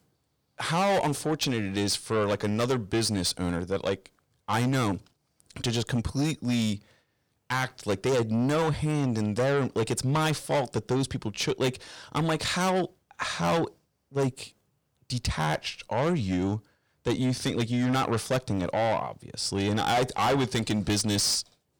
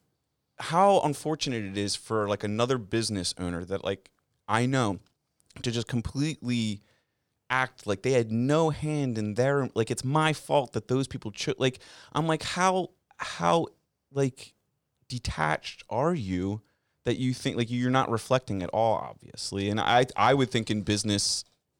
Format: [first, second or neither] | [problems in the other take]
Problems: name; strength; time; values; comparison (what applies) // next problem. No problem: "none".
second | distortion; heavy; 6 dB below the speech